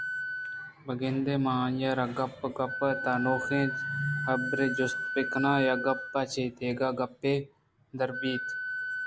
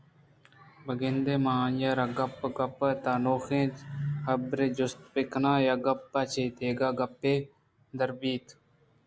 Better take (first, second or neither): second